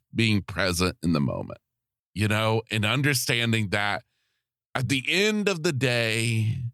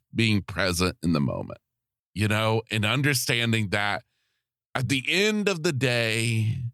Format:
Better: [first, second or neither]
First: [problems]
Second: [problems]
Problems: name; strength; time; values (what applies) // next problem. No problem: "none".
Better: neither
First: none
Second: none